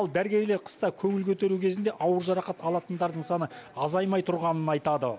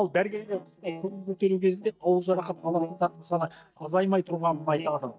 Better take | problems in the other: first | noise reduction (neural mask model DeepFilterNet 3)

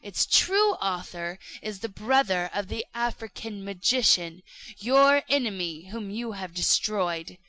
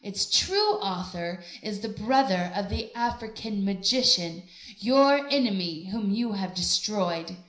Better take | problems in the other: first | room echo; dies away in 0.5 s

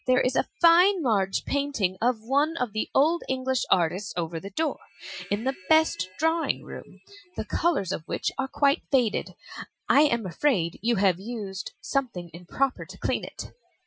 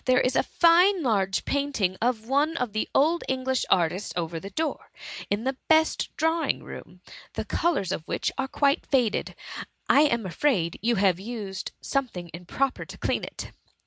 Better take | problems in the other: second | noise reduction (classical method Wiener filter)

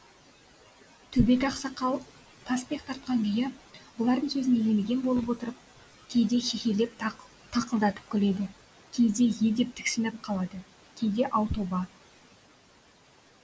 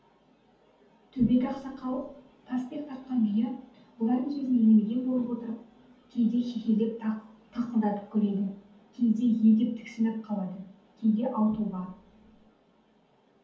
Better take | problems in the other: first | room echo; dies away in 0.6 s

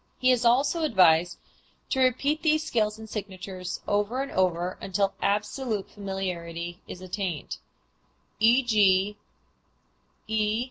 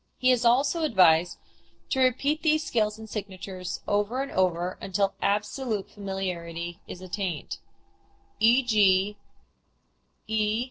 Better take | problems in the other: first | noise reduction (neural separator model SepFormer DNS4)

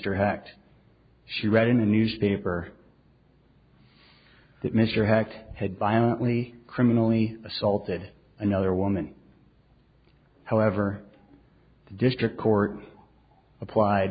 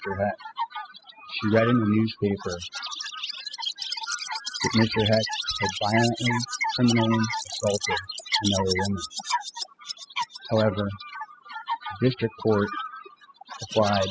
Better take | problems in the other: first | noise reduction (classical method spectral subtraction)

